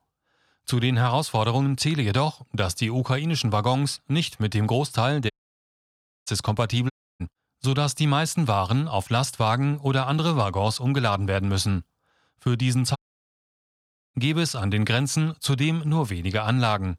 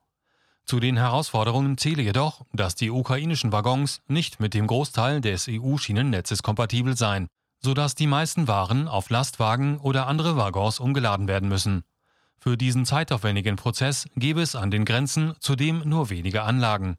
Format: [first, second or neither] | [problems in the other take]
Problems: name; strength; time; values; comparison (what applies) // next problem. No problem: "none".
second | audio cutting out; at 5.5 s for 1 s, at 7 s and at 13 s for 1 s